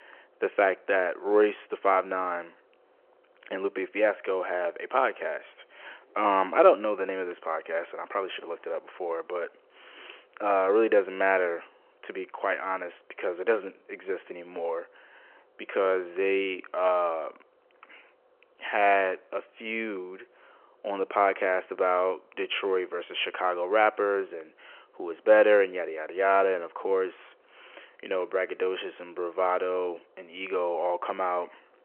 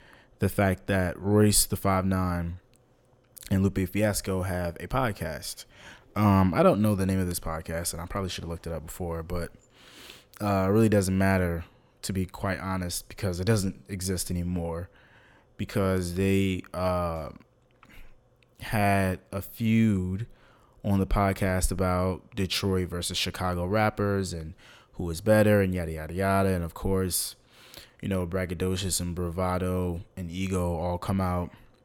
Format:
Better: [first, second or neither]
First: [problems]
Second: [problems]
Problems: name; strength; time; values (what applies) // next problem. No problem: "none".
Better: second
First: phone-call audio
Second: none